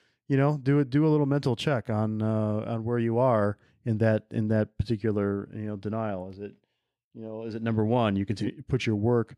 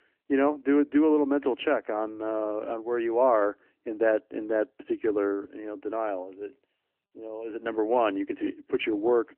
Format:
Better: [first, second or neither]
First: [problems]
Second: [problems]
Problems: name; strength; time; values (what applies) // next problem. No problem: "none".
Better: first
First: none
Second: phone-call audio; nothing above 3 kHz